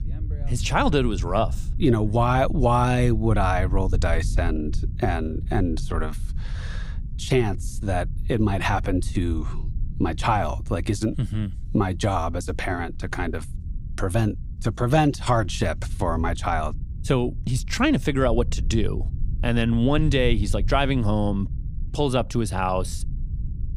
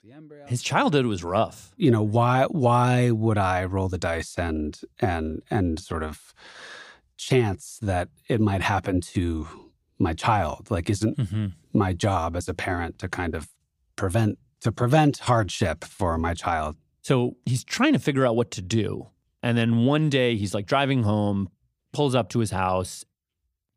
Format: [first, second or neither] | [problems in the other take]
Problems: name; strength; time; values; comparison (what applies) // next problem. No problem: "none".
second | low rumble; faint; throughout; 20 dB below the speech